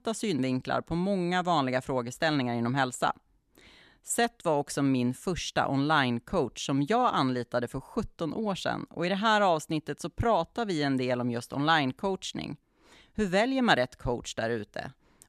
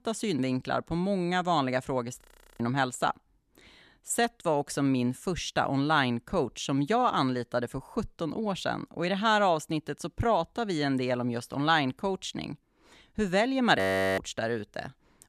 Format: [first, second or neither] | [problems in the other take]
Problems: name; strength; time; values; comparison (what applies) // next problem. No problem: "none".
first | audio freezing; at 2 s and at 14 s